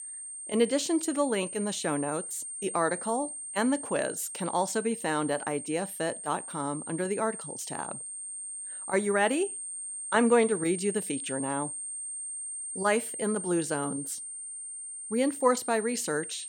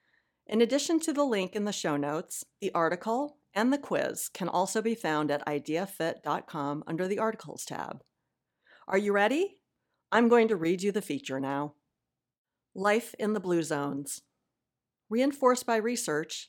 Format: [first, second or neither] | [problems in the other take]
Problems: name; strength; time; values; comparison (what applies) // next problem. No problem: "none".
second | high-pitched whine; loud; throughout; 8.5 kHz, 6 dB below the speech